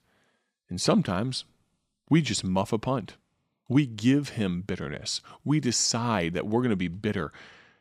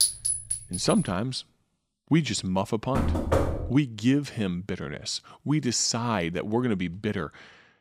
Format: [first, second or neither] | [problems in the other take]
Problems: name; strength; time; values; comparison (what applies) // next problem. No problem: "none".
first | clattering dishes; loud; at the start; peak 5 dB above the speech // door banging; loud; at 3 s; peak 2 dB above the speech